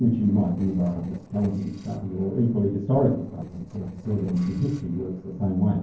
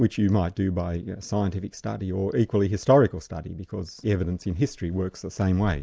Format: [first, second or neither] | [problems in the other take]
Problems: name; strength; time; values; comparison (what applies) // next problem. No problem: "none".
second | noise reduction (neural separator model SepFormer DNS4)